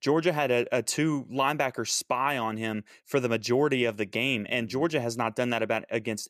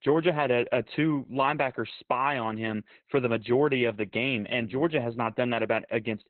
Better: first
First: none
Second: garbled, watery; badly; nothing above 4 kHz

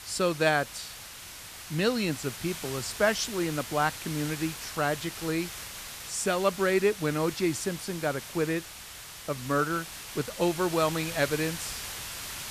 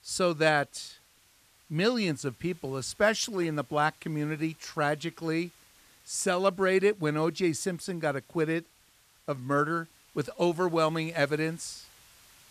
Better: second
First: hiss; loud; throughout; 9 dB below the speech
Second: hiss; faint; throughout; 30 dB below the speech

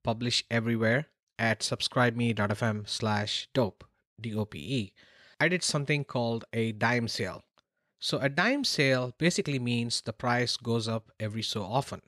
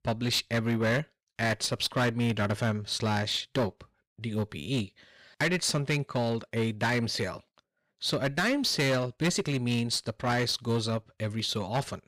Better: first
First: none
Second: distortion; slight; 8% of the sound clipped

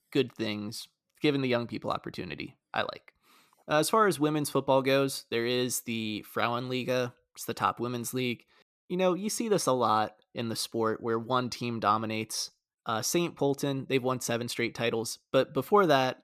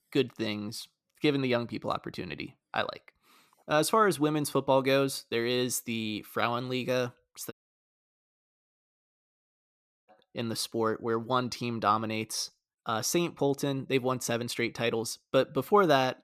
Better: first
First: none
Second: audio cutting out; at 7.5 s for 2.5 s

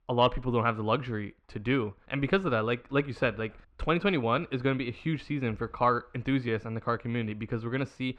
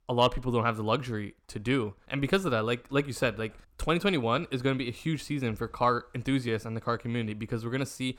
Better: second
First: muffled; slightly; fading above 2.5 kHz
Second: none

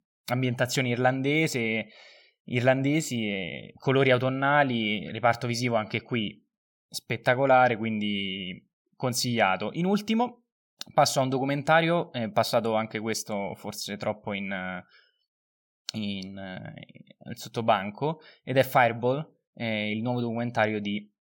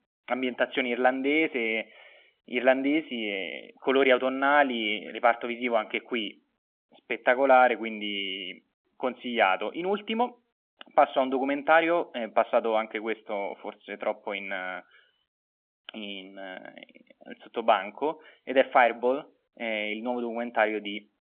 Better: first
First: none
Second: phone-call audio; nothing above 3.5 kHz

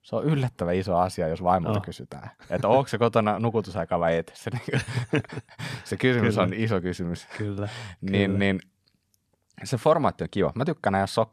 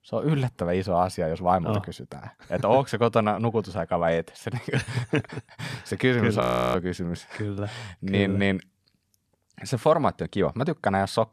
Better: first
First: none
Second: audio freezing; at 6.5 s

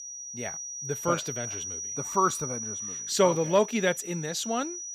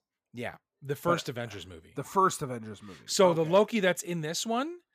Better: second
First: high-pitched whine; loud; throughout; 6 kHz, 7 dB below the speech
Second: none

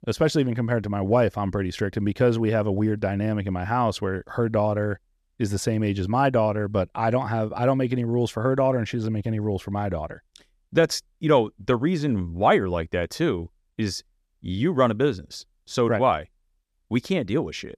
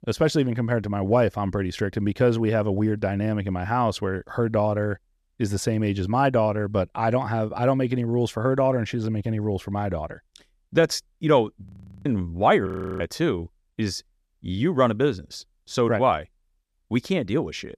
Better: first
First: none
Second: audio freezing; at 12 s and at 13 s

